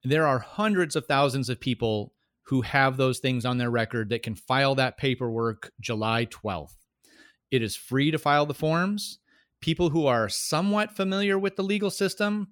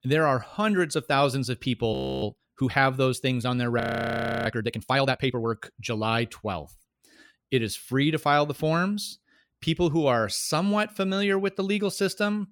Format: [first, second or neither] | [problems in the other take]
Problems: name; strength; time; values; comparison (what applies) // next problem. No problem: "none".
first | audio freezing; at 2 s and at 4 s for 0.5 s